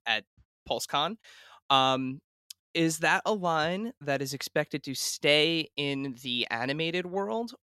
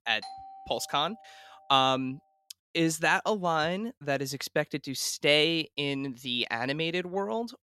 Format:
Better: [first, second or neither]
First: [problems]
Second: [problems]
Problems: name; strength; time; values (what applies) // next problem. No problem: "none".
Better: first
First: none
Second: doorbell; faint; until 2 s; peak 15 dB below the speech